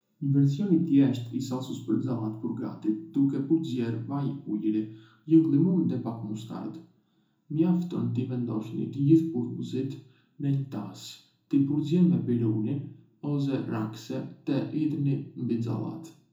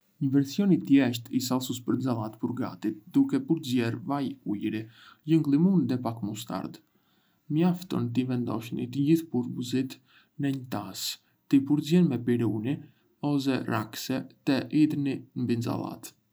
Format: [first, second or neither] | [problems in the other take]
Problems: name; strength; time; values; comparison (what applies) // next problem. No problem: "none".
second | room echo; dies away in 0.6 s